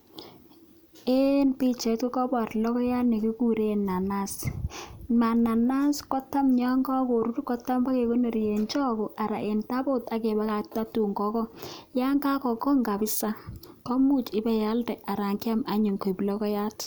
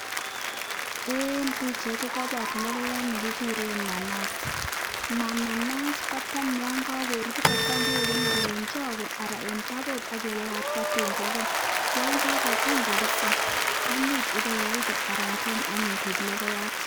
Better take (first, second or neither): first